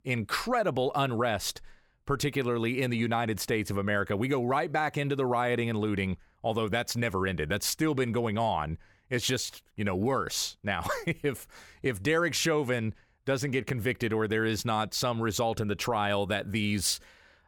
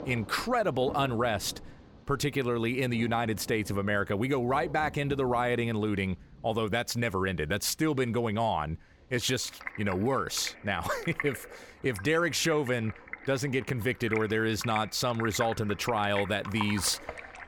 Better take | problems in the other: first | rain or running water; noticeable; throughout; 15 dB below the speech

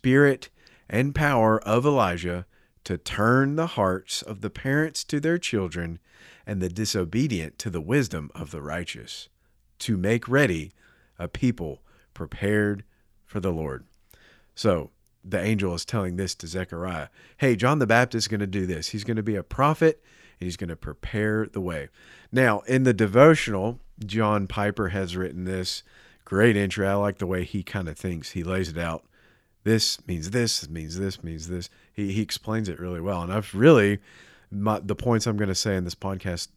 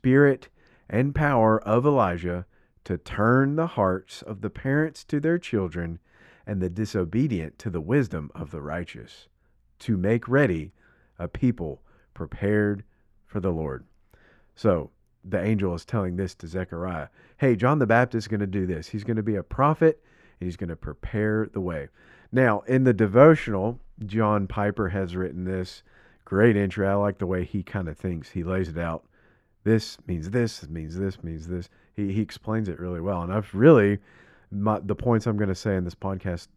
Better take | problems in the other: first | muffled; slightly; fading above 2.5 kHz

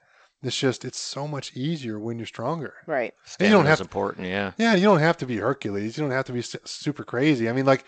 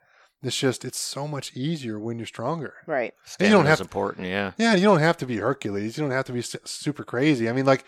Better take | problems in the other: second | garbled, watery; slightly; nothing above 8 kHz

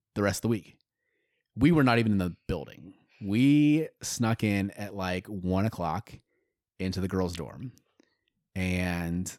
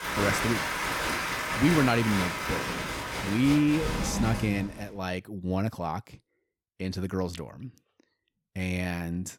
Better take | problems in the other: first | crowd noise; loud; until 4 s; 1 dB below the speech

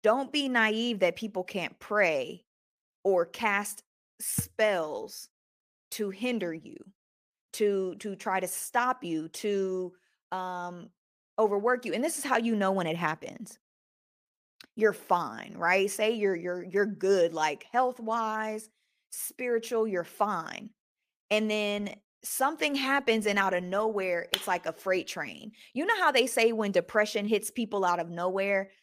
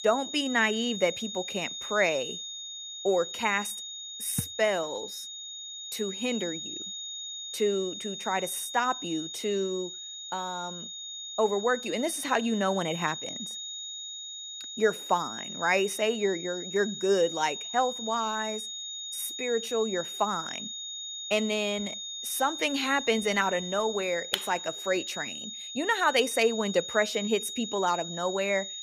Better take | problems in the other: first | high-pitched whine; loud; throughout; 3.5 kHz, 7 dB below the speech

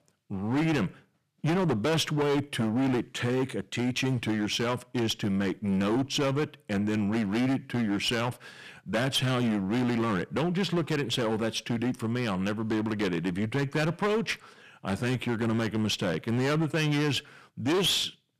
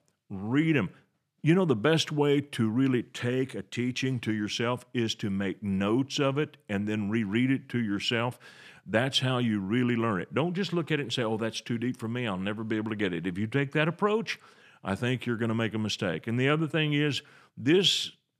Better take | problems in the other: second | distortion; heavy; 18% of the sound clipped

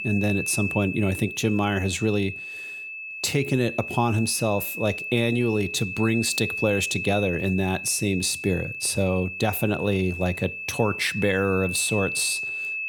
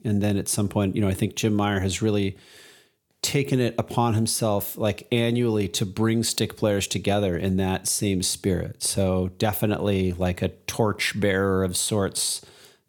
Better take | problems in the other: second | high-pitched whine; loud; throughout; 2.5 kHz, 6 dB below the speech

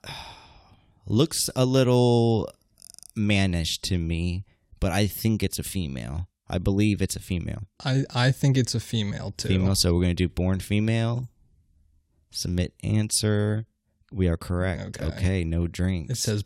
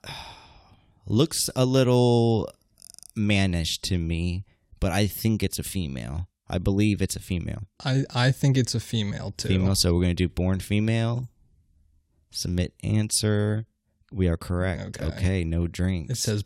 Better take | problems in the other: neither | none

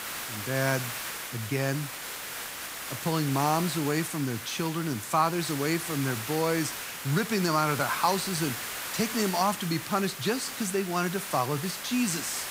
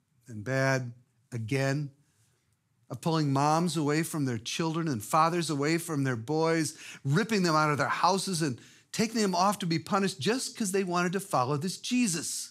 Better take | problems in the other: second | hiss; loud; throughout; 6 dB below the speech

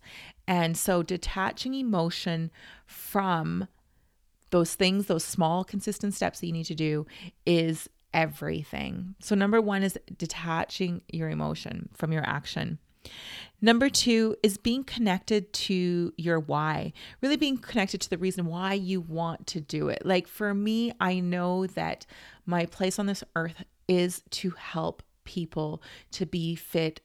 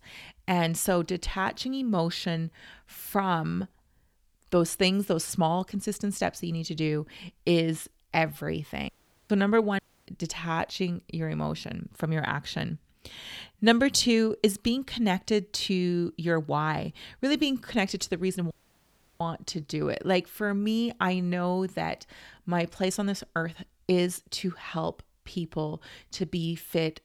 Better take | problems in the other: first | audio cutting out; at 9 s, at 10 s and at 19 s for 0.5 s

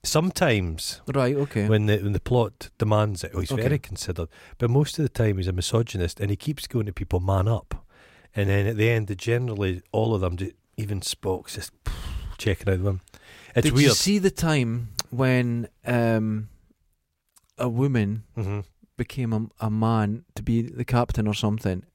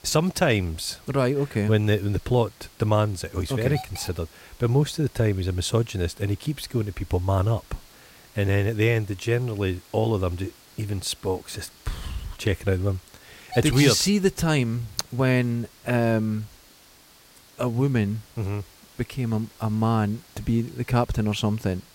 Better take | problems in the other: first | hiss; faint; throughout; 20 dB below the speech

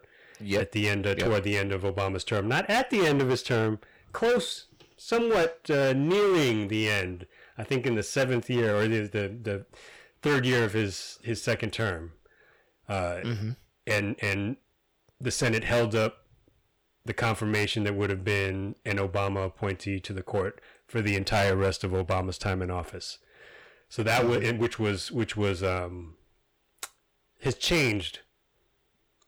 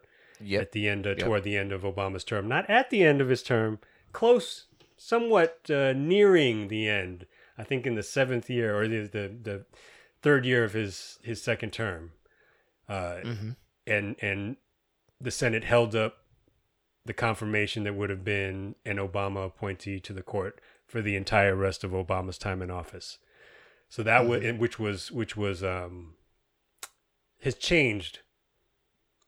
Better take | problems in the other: second | distortion; heavy; 8% of the sound clipped

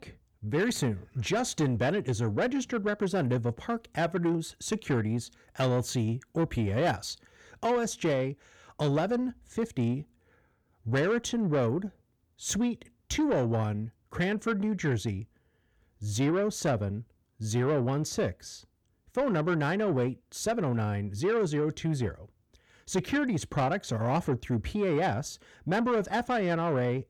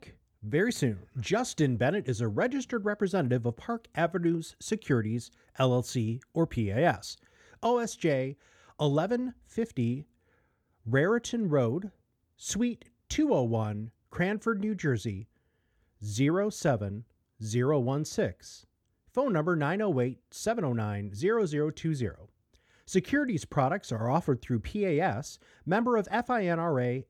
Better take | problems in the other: second | distortion; slight; 10 dB below the speech

